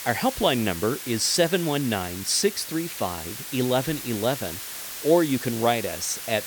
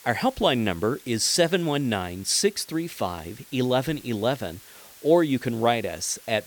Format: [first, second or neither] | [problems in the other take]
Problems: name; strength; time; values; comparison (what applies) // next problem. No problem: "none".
second | hiss; loud; throughout; 9 dB below the speech; faint in the second